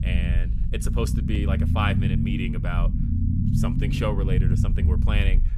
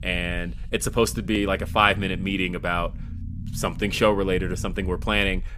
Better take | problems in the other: second | low rumble; loud; throughout; 4 dB below the speech; faint in the second

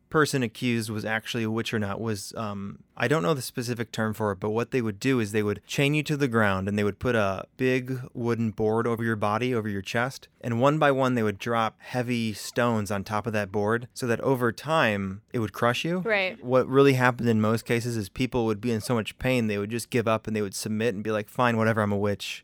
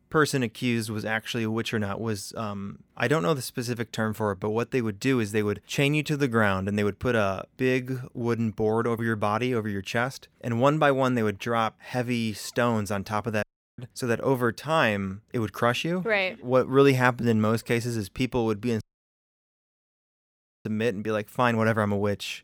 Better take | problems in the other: first | audio cutting out; at 13 s and at 19 s for 2 s

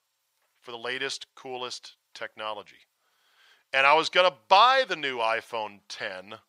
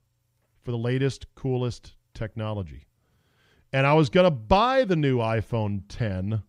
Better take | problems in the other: second | thin; very; fading below 900 Hz

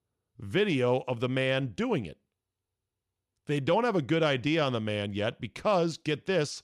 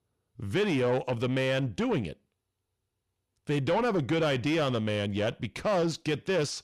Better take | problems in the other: first | distortion; slight; 10 dB below the speech

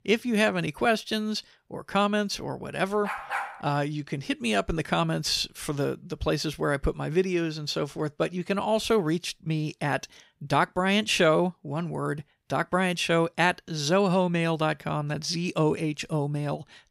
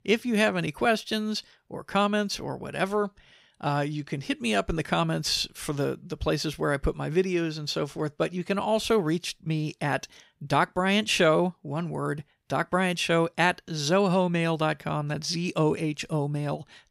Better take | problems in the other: second | dog barking; noticeable; at 3 s; peak 4 dB below the speech

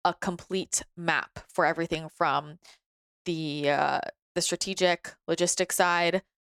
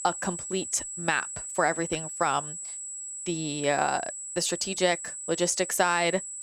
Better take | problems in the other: first | high-pitched whine; loud; throughout; 8 kHz, 7 dB below the speech

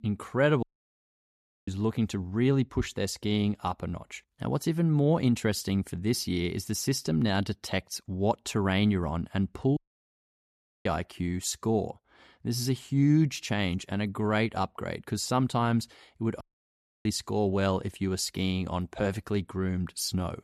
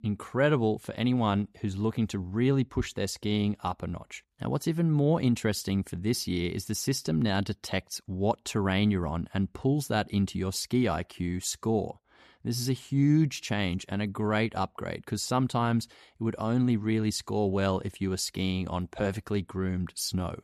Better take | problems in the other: second | audio cutting out; at 0.5 s for 1 s, at 10 s for 1 s and at 16 s for 0.5 s

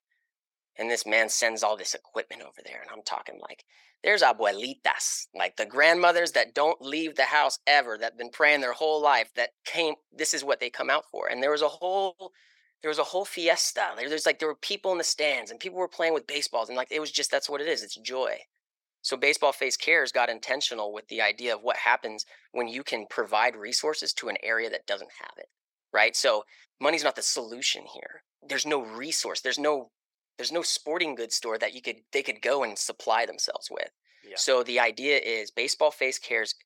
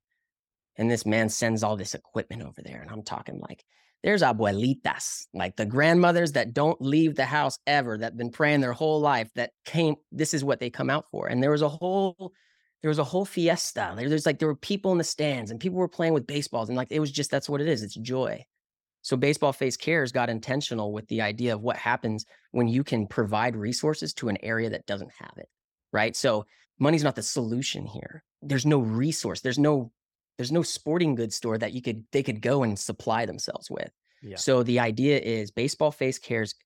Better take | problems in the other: second | thin; very; fading below 500 Hz

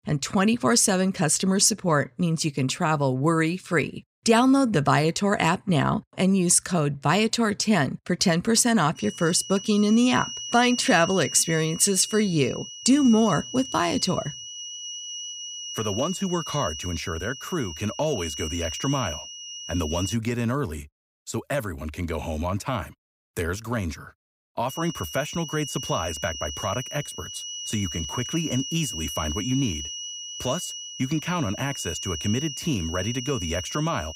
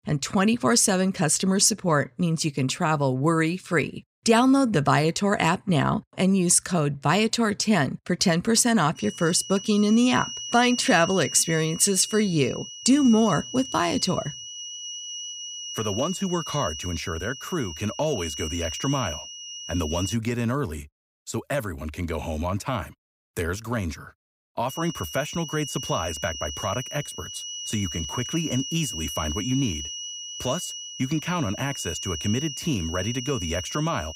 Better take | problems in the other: neither | high-pitched whine; loud; from 9 to 20 s and from 25 s on; 3 kHz, 9 dB below the speech; the same in both

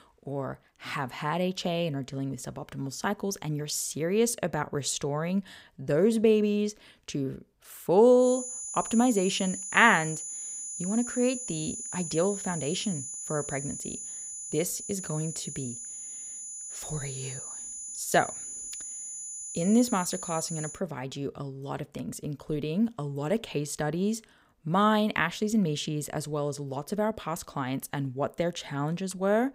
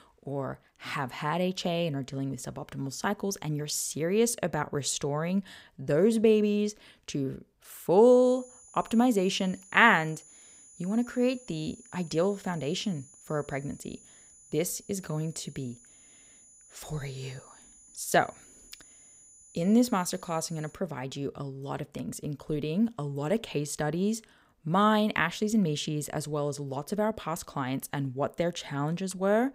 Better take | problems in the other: second | high-pitched whine; loud; from 8 to 21 s; 7 kHz, 7 dB below the speech; faint in the second

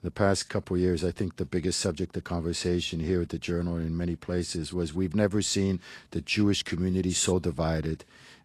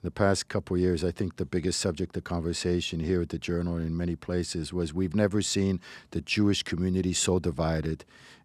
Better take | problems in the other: second | garbled, watery; slightly; nothing above 12.5 kHz

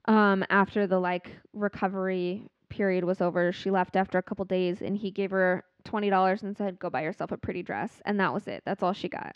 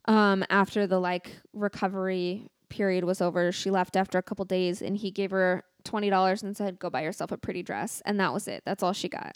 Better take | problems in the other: second | muffled; slightly; fading above 2.5 kHz

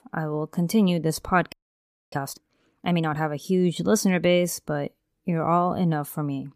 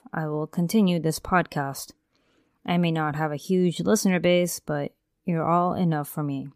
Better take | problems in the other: second | audio freezing; at 1.5 s for 0.5 s

